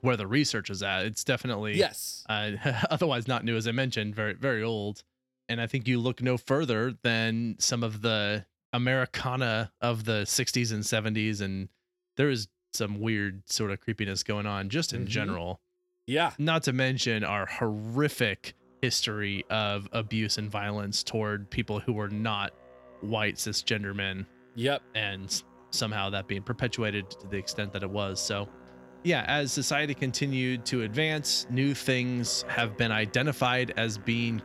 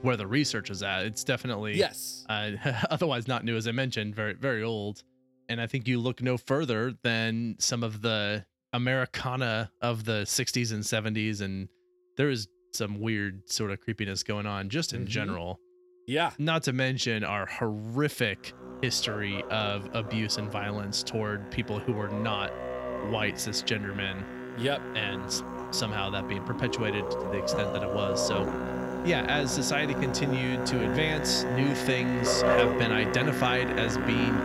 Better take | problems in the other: first | background music; loud; throughout; 3 dB below the speech; faint in the first

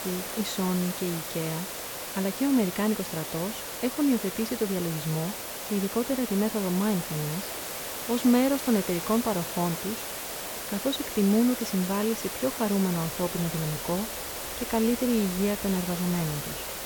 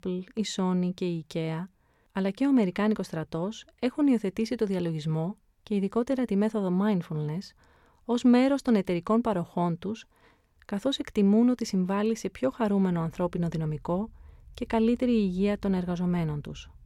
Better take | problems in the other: second | hiss; loud; throughout; 5 dB below the speech

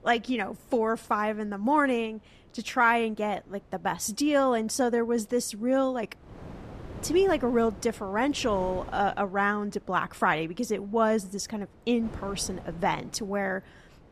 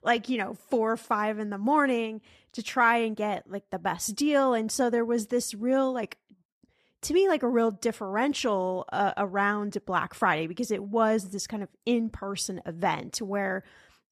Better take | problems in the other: second | wind noise on the microphone; occasional gusts; 25 dB below the speech

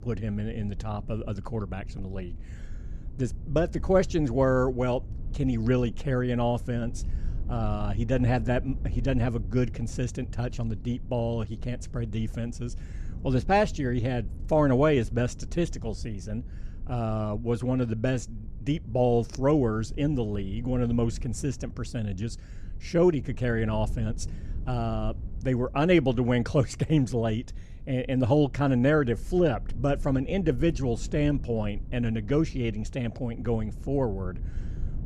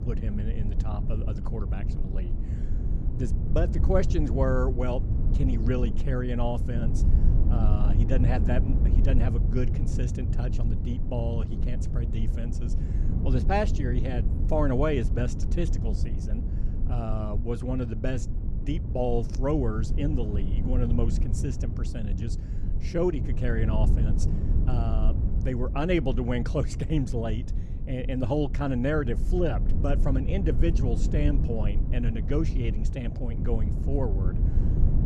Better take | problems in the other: first | low rumble; loud; throughout; 9 dB below the speech; faint in the first

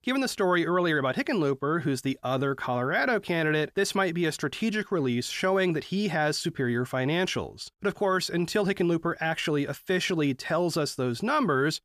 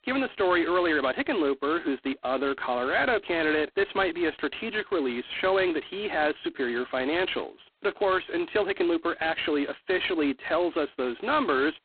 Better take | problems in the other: first | phone-call audio; poor line; nothing above 4 kHz

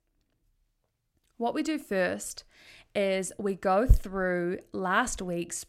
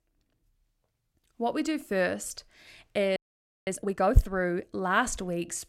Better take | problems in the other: first | audio freezing; at 3 s for 0.5 s

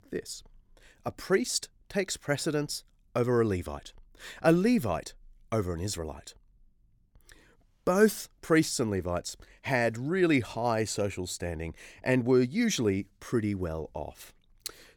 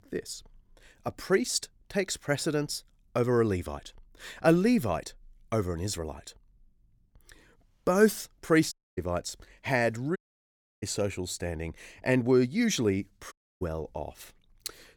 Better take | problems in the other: first | audio cutting out; at 8.5 s, at 10 s for 0.5 s and at 13 s

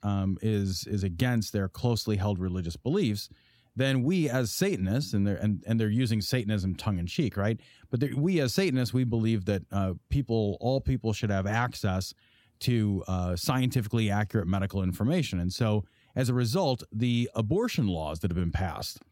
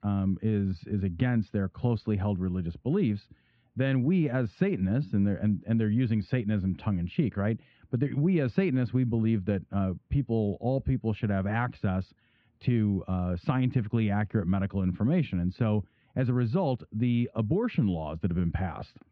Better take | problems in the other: first | muffled; very; fading above 2.5 kHz

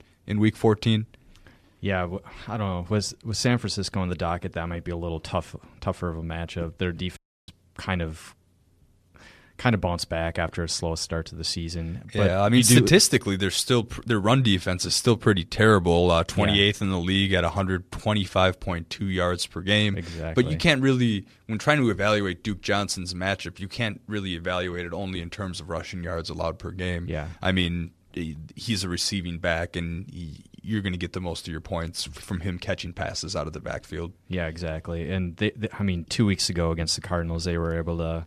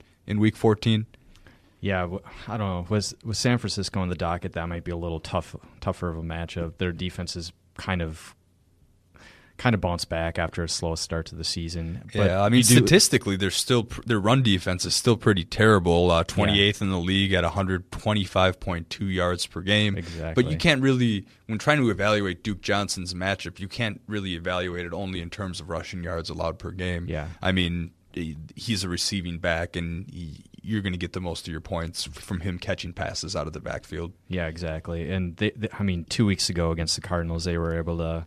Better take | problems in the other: second | audio cutting out; at 7 s

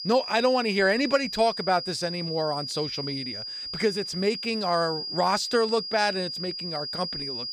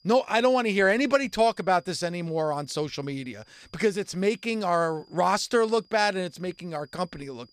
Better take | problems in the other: second | high-pitched whine; loud; throughout; 5 kHz, 5 dB below the speech; faint in the second

